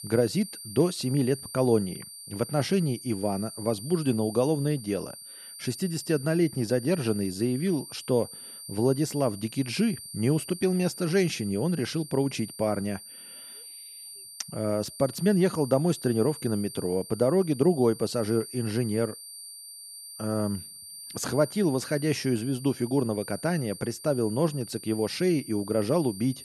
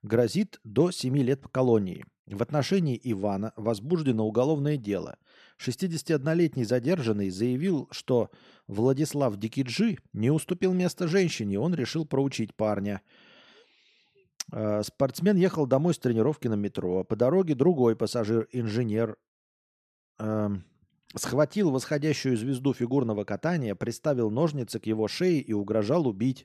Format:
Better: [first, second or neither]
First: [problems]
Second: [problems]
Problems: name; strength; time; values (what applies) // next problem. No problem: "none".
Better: second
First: high-pitched whine; noticeable; throughout; 9 kHz, 15 dB below the speech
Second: none